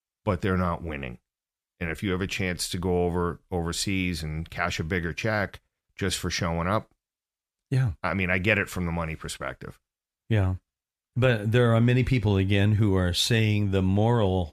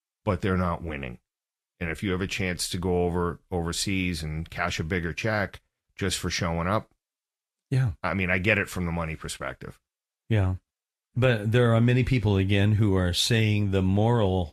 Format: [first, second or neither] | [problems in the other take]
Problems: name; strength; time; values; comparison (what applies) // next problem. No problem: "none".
first | garbled, watery; slightly; nothing above 13 kHz